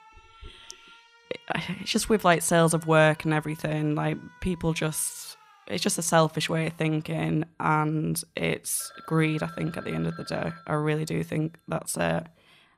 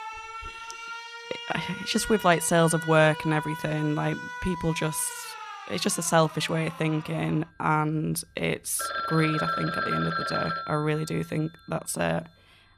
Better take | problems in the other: first | alarms or sirens; loud; throughout; 8 dB below the speech; faint in the first

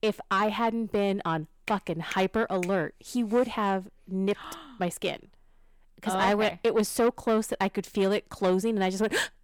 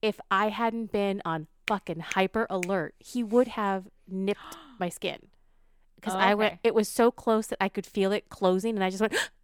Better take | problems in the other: second | distortion; slight; 10 dB below the speech

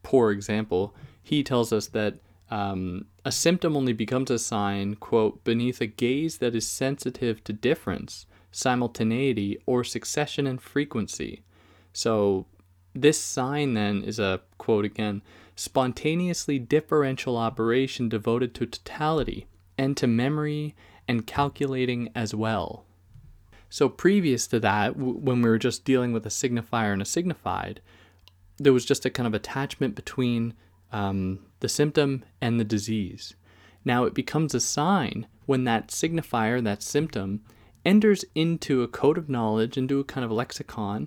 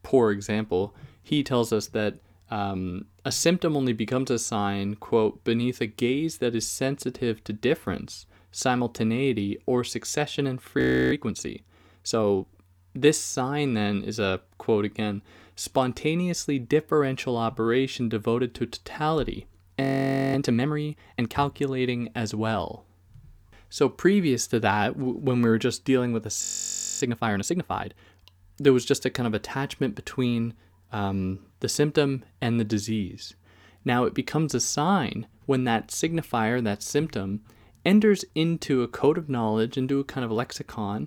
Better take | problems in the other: first | audio freezing; at 11 s, at 20 s for 0.5 s and at 26 s for 0.5 s

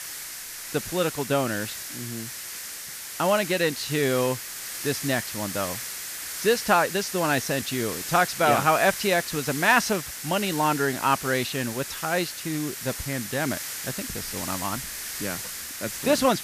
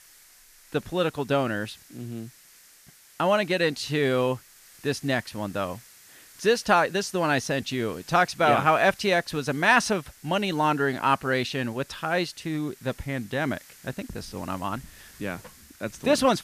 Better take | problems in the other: second | hiss; loud; throughout; 7 dB below the speech; faint in the second

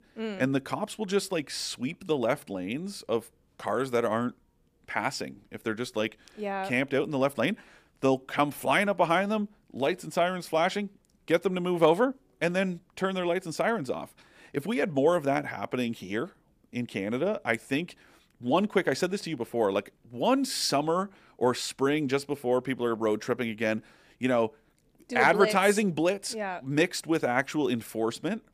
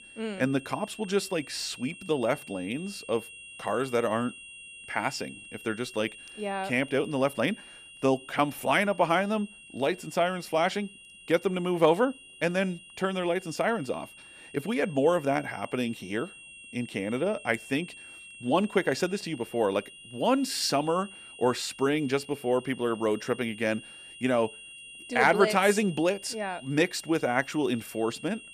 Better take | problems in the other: first | high-pitched whine; noticeable; throughout; 3 kHz, 15 dB below the speech

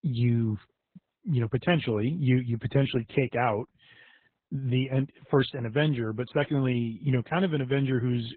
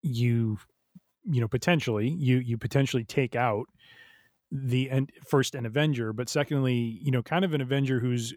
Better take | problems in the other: second | garbled, watery; badly; nothing above 3.5 kHz

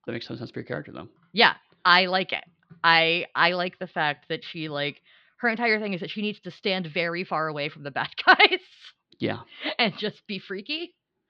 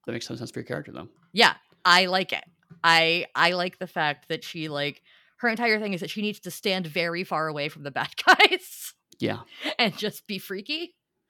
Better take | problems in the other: second | muffled; very slightly; fading above 4 kHz

